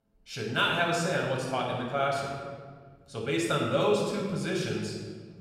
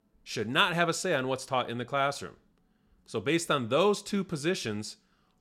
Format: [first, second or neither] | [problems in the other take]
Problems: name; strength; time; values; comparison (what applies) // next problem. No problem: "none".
second | off-mic speech; far // room echo; noticeable; dies away in 1.5 s